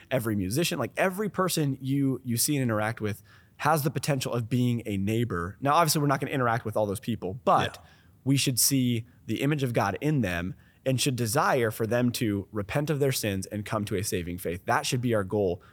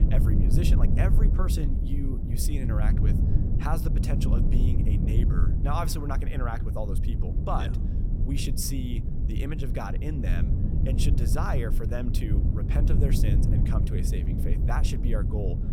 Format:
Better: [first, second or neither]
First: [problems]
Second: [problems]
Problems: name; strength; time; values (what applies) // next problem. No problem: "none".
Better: first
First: none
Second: low rumble; loud; throughout; 3 dB below the speech